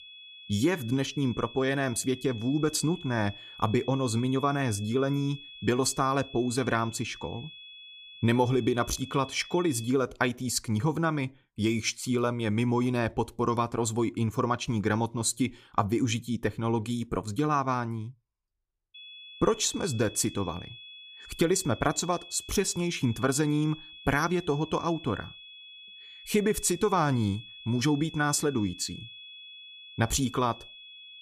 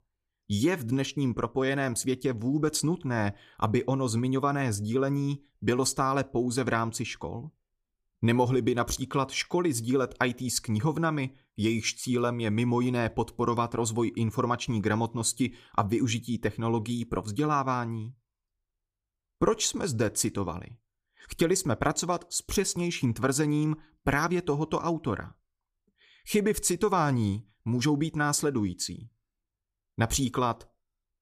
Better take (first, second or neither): second